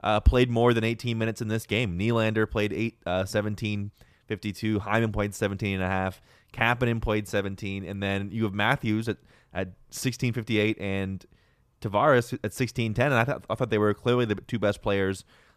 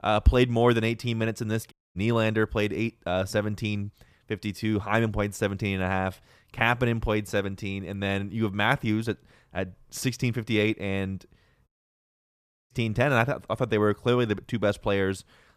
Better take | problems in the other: first | audio cutting out; at 1.5 s and at 12 s for 1 s

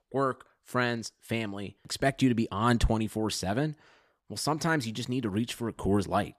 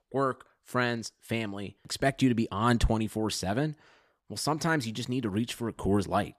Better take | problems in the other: neither | none

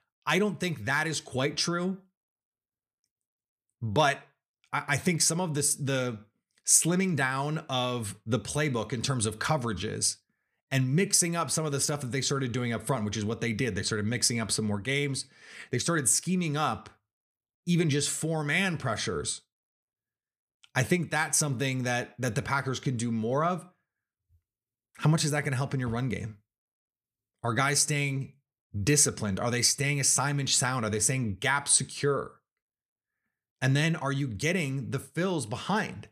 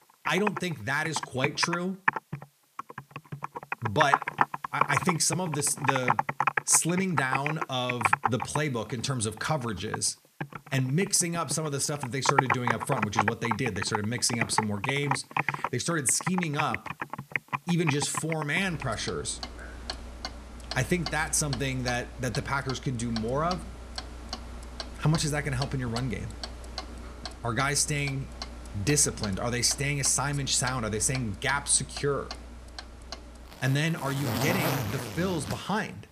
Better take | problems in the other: first | household noises; loud; throughout; 5 dB below the speech

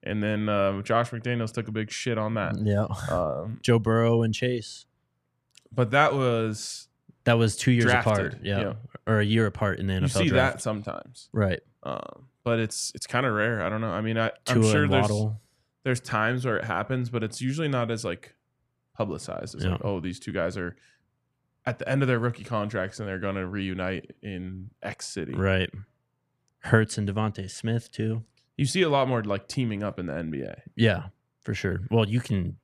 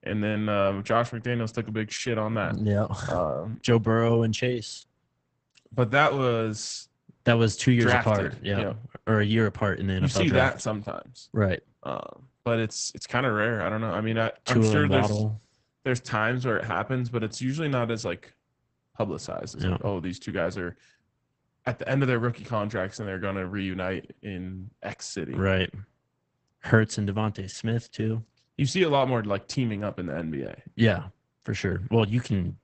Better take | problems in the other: first | garbled, watery; badly; nothing above 8 kHz

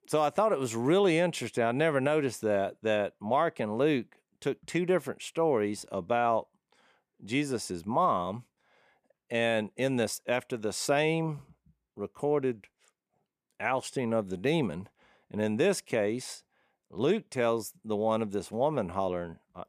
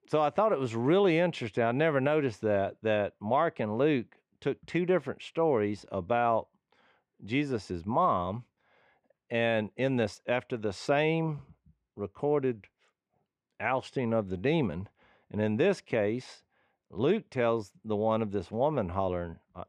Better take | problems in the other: first | muffled; slightly; fading above 3.5 kHz

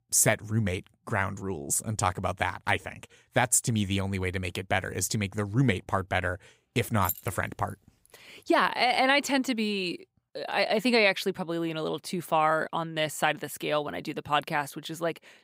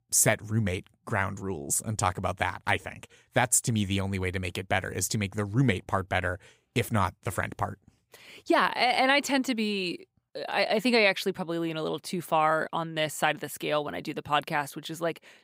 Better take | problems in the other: second | jangling keys; noticeable; at 7 s; peak 6 dB below the speech

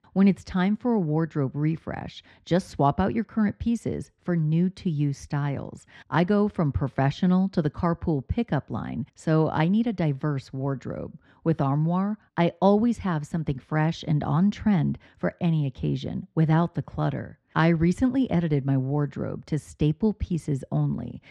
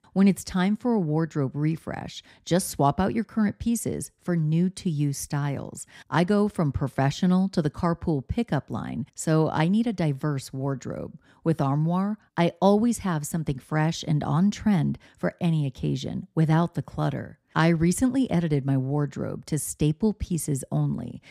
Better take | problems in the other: second | muffled; slightly; fading above 3.5 kHz

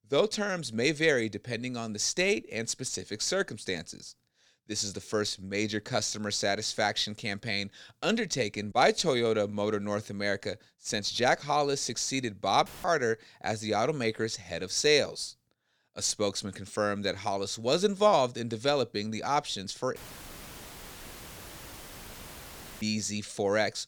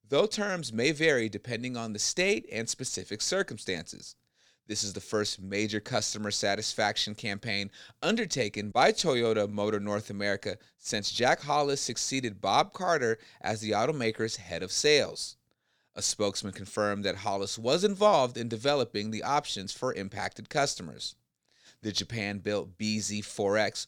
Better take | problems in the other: second | audio cutting out; filled with static; at 13 s and at 20 s for 3 s

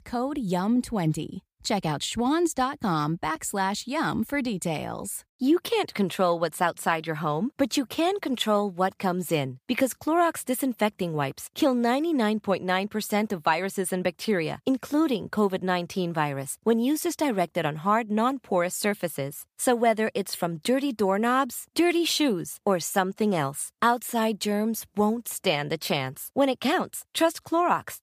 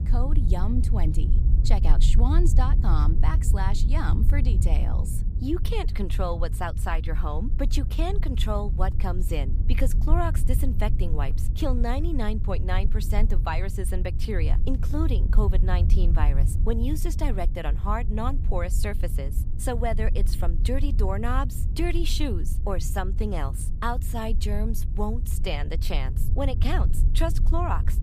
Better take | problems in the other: first | low rumble; noticeable; throughout; 10 dB below the speech

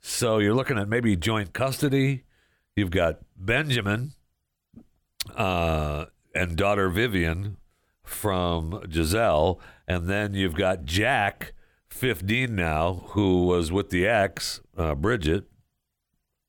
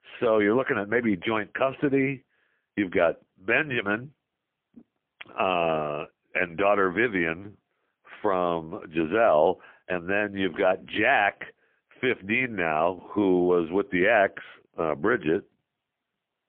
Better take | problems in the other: first | phone-call audio; poor line; nothing above 3 kHz

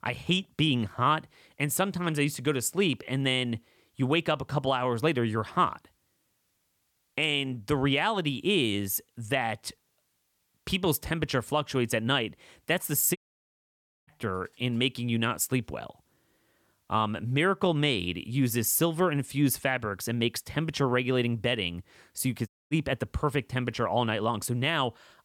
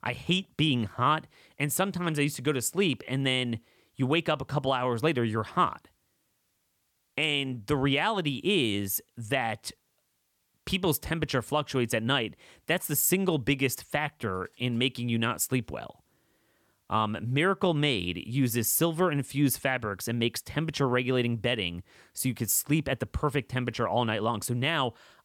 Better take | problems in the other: second | audio cutting out; at 13 s for 1 s and at 22 s

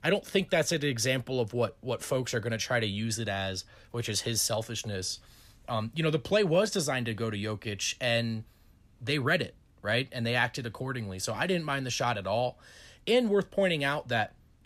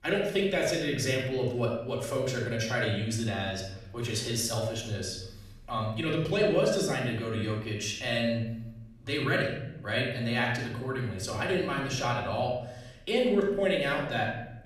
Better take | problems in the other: first | off-mic speech; far // room echo; noticeable; dies away in 0.8 s

